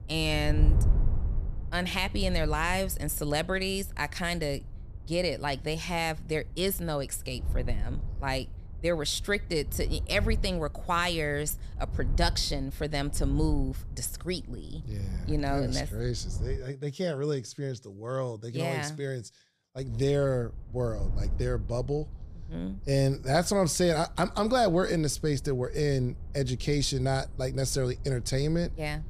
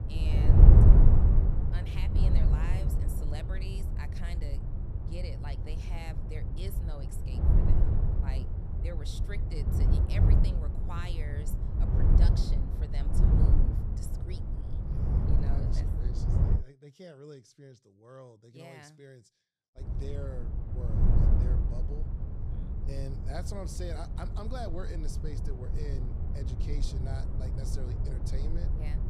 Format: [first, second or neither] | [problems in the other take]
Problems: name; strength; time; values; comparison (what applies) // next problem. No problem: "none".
first | wind noise on the microphone; heavy; until 17 s and from 20 s on; 3 dB above the speech; occasional gusts in the first